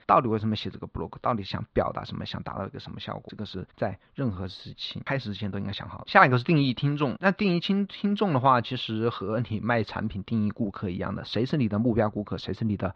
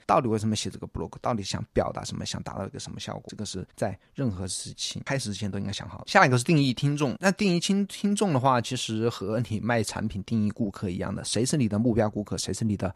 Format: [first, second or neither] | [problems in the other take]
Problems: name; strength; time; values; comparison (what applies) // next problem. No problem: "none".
second | muffled; slightly; fading above 4 kHz